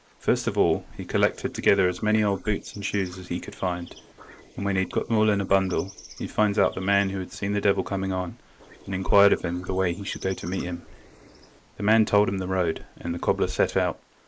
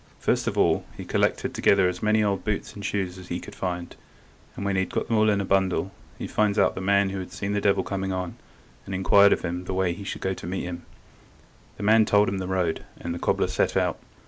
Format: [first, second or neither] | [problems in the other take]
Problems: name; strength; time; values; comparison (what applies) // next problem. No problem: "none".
second | noise reduction (neural mask model Resemble Enhance denoiser)